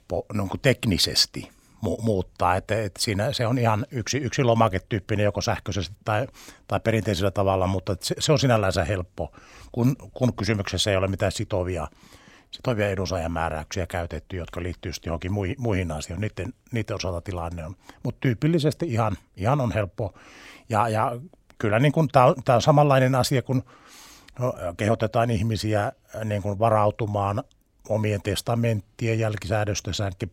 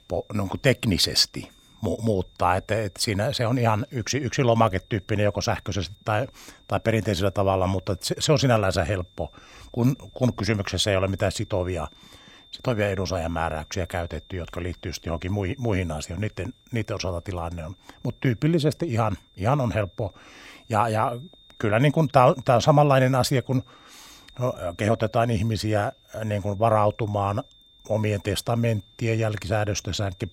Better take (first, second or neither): first